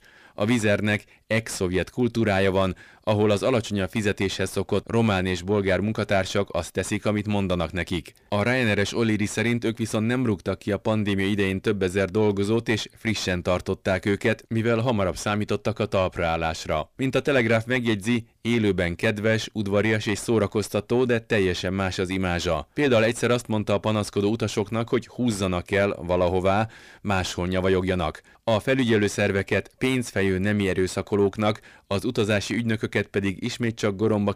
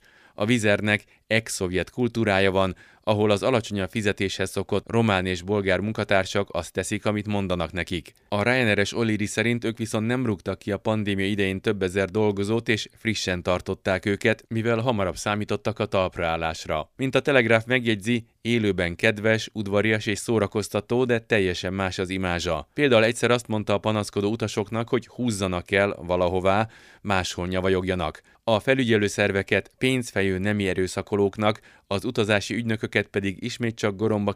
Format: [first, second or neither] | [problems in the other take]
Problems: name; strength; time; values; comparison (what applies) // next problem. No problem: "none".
second | distortion; slight; 10 dB below the speech